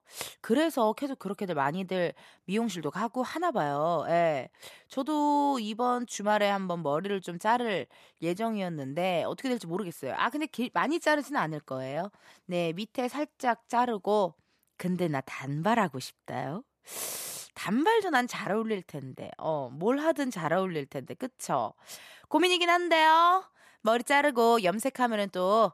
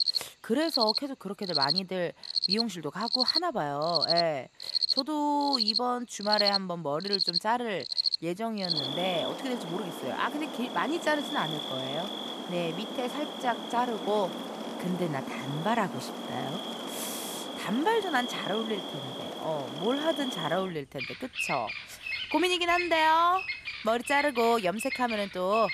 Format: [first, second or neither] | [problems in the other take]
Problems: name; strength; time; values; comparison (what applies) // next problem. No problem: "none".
first | animal sounds; loud; throughout; 1 dB below the speech